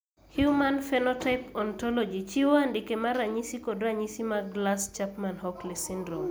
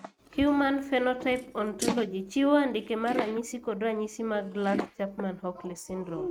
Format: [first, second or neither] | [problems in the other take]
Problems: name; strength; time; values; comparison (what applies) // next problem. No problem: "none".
first | noise reduction (neural mask model RNNoise)